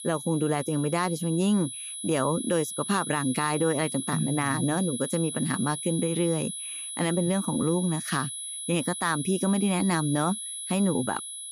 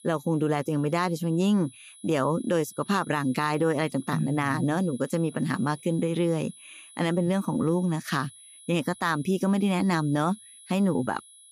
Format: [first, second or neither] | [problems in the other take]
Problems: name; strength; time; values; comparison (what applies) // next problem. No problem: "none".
second | high-pitched whine; loud; throughout; 10.5 kHz, 6 dB below the speech; faint in the second